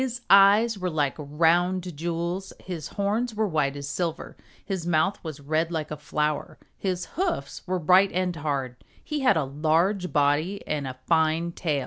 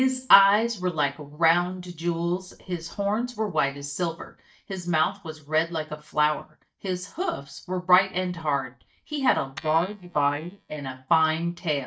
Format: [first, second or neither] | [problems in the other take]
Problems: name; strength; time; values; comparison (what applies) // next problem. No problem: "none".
first | noise reduction (neural mask model DeepFilterNet 3)